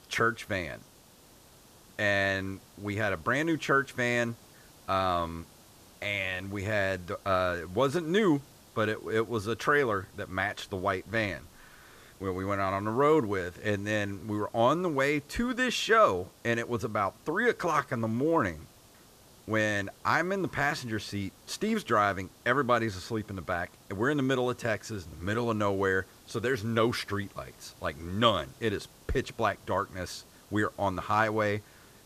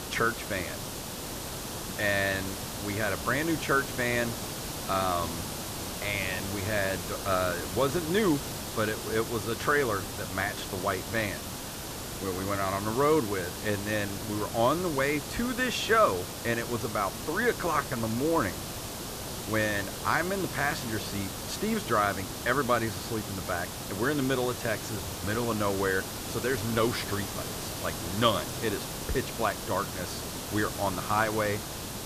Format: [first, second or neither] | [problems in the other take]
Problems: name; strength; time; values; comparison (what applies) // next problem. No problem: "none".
first | hiss; loud; throughout; 6 dB below the speech; faint in the first